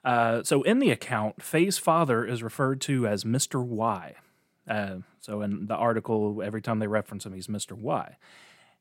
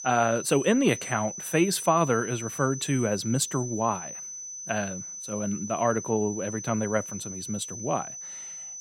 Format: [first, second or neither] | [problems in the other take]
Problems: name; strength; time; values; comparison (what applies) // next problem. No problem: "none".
first | high-pitched whine; loud; throughout; 6 kHz, 9 dB below the speech